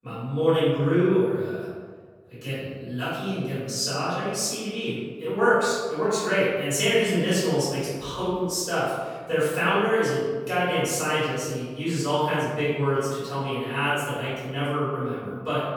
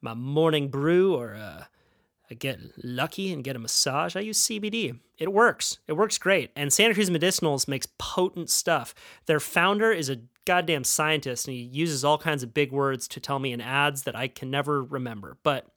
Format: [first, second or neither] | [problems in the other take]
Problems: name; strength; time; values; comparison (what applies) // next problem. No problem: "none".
second | off-mic speech; far // room echo; strong; dies away in 1.5 s